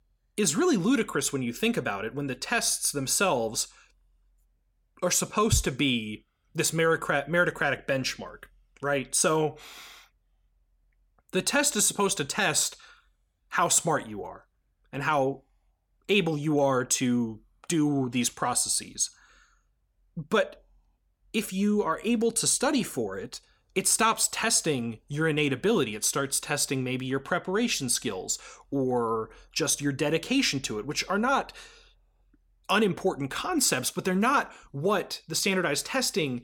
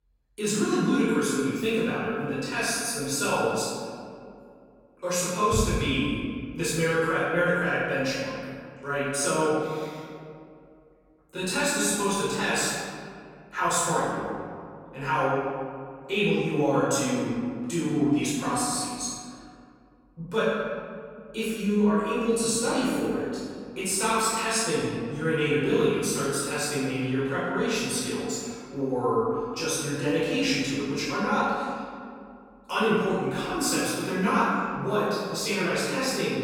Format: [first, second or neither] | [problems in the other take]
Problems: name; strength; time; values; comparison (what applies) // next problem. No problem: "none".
first | off-mic speech; far // room echo; strong; dies away in 1.9 s